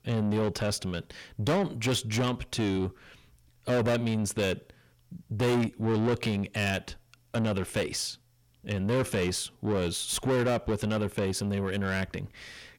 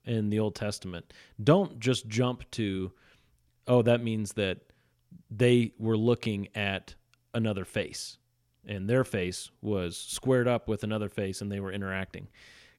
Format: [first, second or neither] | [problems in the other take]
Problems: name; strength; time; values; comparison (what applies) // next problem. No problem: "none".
second | distortion; heavy; 6 dB below the speech